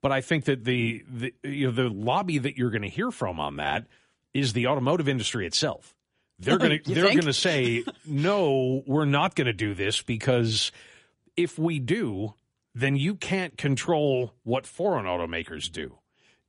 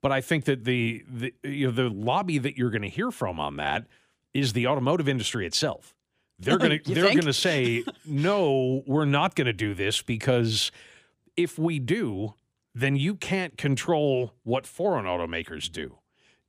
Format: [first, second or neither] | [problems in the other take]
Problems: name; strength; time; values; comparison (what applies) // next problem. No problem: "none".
second | garbled, watery; slightly; nothing above 10.5 kHz